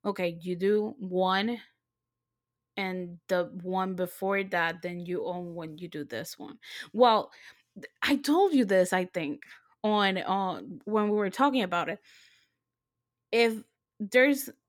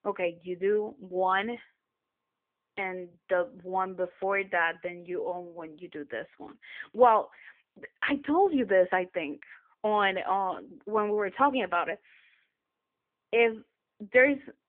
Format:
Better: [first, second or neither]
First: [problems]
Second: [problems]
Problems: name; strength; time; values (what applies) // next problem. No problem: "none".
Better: first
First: none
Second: phone-call audio